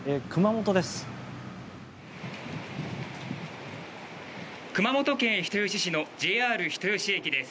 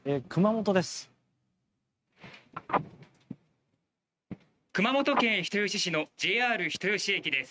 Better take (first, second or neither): first